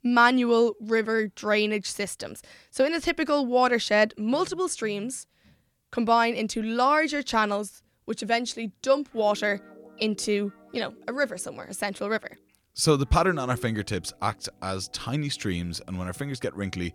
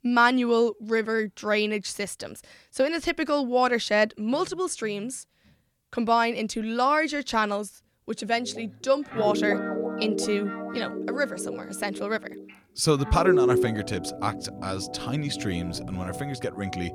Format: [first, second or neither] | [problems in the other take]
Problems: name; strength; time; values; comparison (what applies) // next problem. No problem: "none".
first | background music; loud; from 8.5 s on; 4 dB below the speech; faint in the first